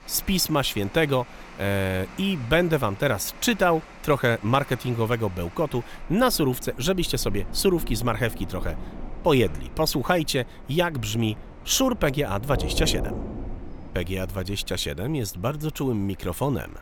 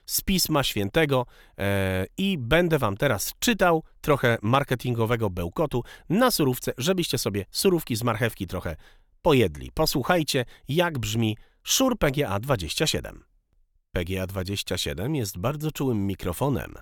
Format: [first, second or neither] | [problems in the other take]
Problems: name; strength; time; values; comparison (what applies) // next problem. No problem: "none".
second | rain or running water; noticeable; throughout; 15 dB below the speech